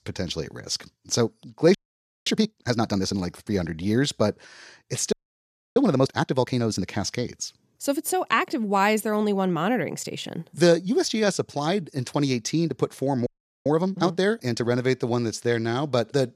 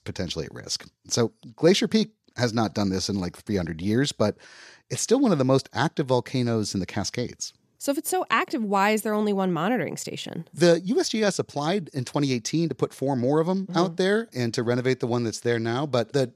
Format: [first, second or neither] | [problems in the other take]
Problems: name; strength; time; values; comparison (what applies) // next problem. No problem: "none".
second | audio freezing; at 2 s for 0.5 s, at 5 s for 0.5 s and at 13 s